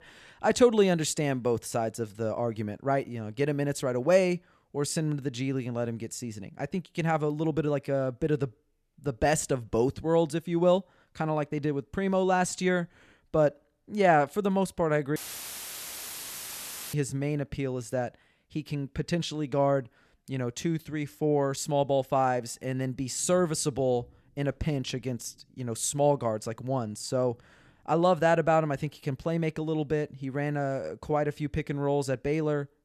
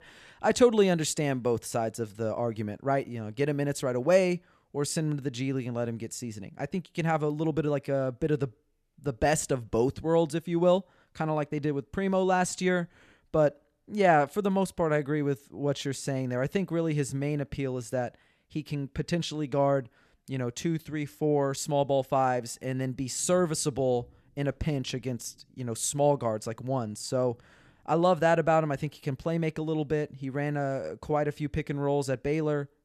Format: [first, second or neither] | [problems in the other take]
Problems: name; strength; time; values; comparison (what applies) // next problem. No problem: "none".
second | audio cutting out; filled with static; at 15 s for 2 s